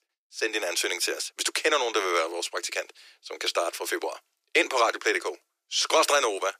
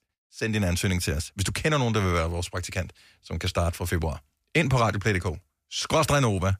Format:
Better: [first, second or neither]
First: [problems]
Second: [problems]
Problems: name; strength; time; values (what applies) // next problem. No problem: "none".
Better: second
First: thin; very; fading below 350 Hz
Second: none